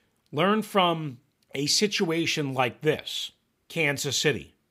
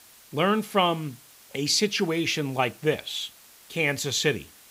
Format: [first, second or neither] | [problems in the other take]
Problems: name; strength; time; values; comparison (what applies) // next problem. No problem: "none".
first | hiss; faint; throughout; 25 dB below the speech